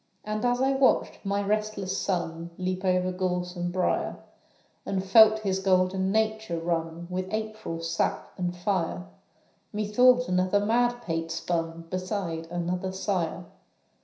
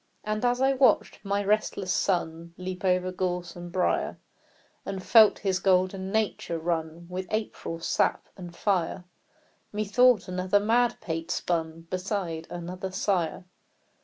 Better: second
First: room echo; dies away in 0.5 s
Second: none

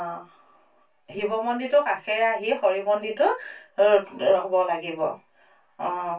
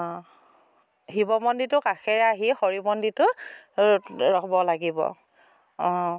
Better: second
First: room echo; dies away in 0.1 s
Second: none

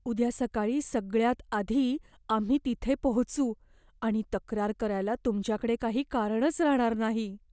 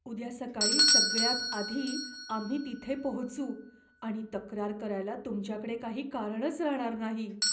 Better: first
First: none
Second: background sound (Bell / Doorbell); 2 dB above the speech // room echo; dies away in 0.5 s

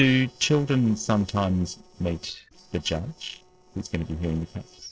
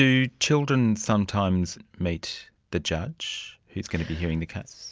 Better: second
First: noise reduction (neural separator model SepFormer DNS4)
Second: none

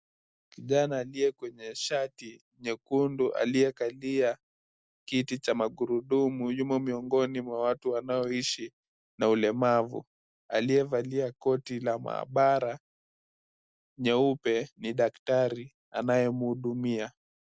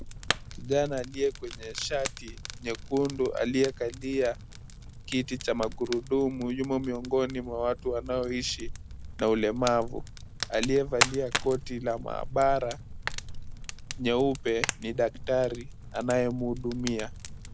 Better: first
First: none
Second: background sound (Fire); 7 dB below the speech

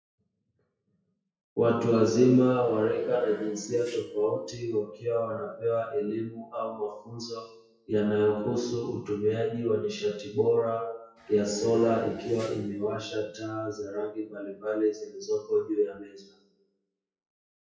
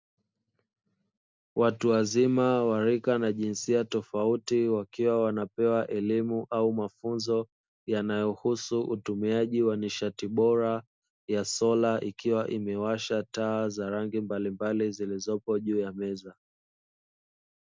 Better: second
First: noise reduction (classical method WPE with log-MMSE)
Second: none

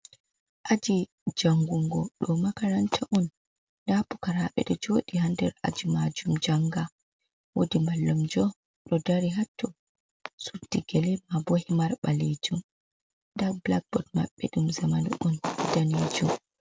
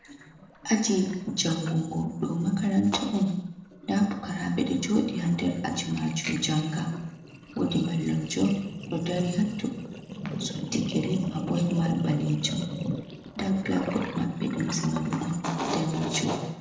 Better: first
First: none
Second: noise reduction (neural separator model SepFormer DNS4)

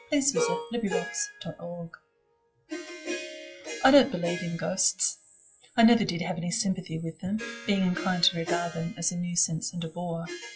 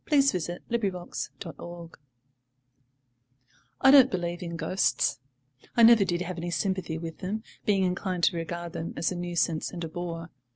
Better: second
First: noise reduction (classical method WPE with log-MMSE)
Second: none

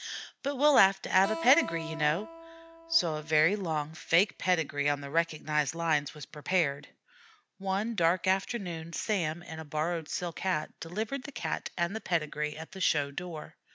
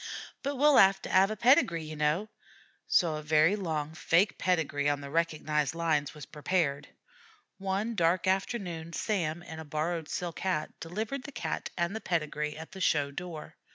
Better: second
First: background sound (Acoustic guitar); 12 dB below the speech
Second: none

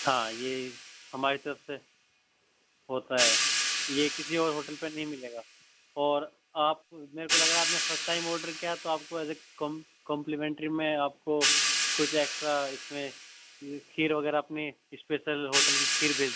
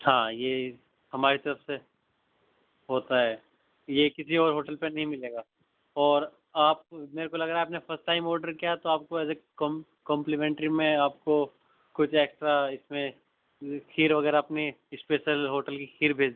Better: second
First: background sound (Hi-hat); as loud as the speech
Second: none

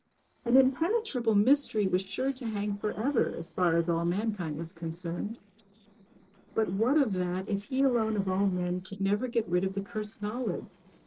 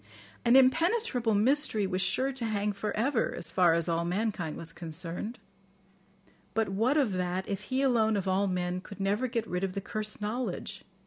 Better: second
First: noise reduction (neural separator model SepFormer DNS4)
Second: none

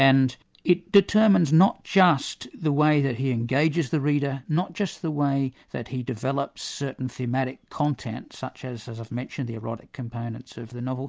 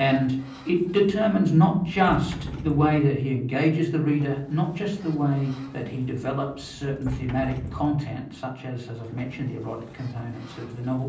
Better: first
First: none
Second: background sound (Sliding door); 15 dB below the speech // room echo; dies away in 0.6 s

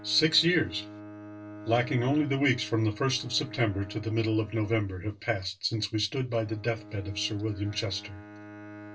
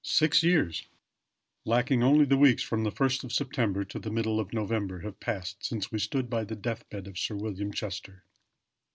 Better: second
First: background sound (Bowed string instrument); 16 dB below the speech // room echo; dies away in 0.1 s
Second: none

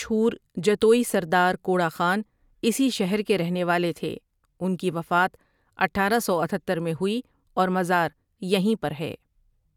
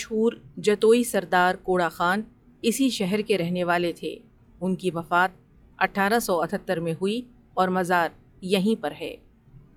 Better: first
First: none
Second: noise reduction (classical method log-MMSE)

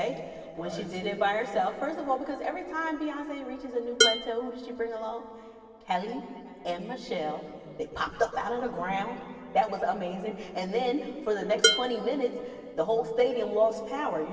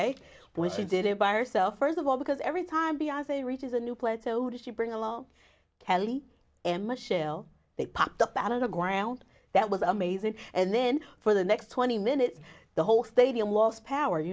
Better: second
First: background sound (Dishes, pots, and pans); 2 dB above the speech // room echo; dies away in 2.6 s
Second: none

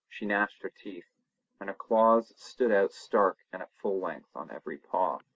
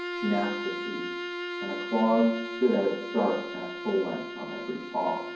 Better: first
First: none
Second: background sound (Bowed string instrument); 7 dB below the speech // room echo; dies away in 0.9 s

